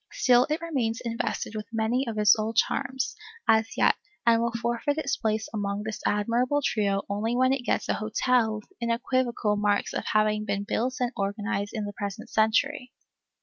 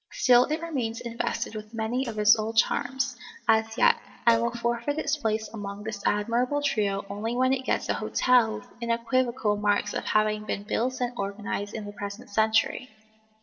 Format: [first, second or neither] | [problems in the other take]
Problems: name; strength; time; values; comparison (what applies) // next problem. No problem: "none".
first | noise reduction (neural separator model SepFormer DNS4)